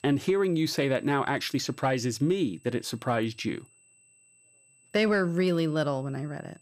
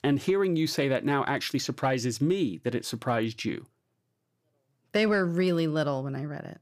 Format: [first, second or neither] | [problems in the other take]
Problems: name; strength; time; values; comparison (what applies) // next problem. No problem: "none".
second | high-pitched whine; faint; throughout; 8 kHz, 30 dB below the speech